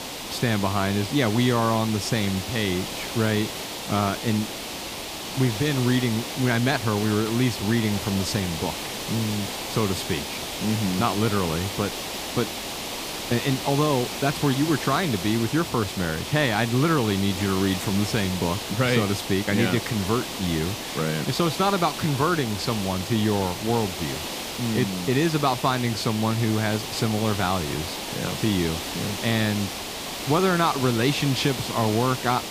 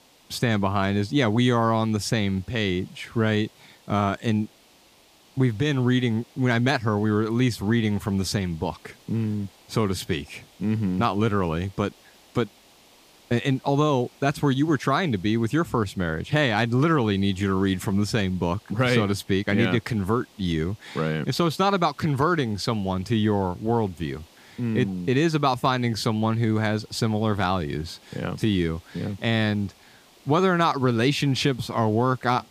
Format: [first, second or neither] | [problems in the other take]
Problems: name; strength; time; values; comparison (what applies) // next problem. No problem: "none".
second | hiss; loud; throughout; 6 dB below the speech; faint in the second